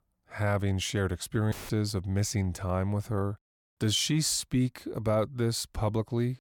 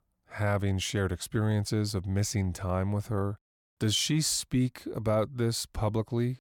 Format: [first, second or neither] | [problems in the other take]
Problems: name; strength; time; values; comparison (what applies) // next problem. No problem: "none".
second | audio cutting out; filled with static; at 1.5 s